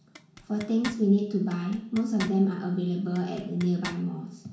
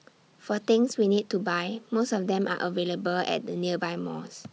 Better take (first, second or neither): second